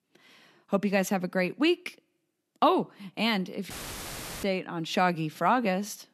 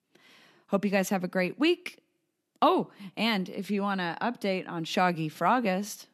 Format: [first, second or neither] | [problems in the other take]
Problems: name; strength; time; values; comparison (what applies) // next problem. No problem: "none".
second | audio cutting out; filled with static; at 3.5 s for 0.5 s